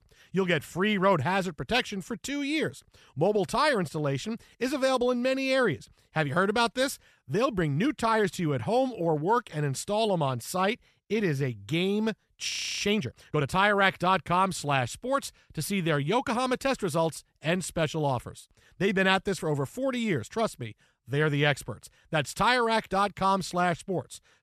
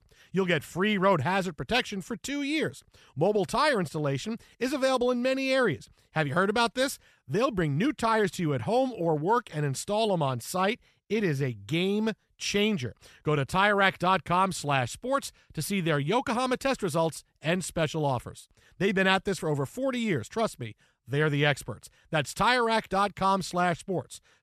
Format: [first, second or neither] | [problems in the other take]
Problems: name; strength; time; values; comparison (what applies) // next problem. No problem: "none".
second | audio freezing; at 12 s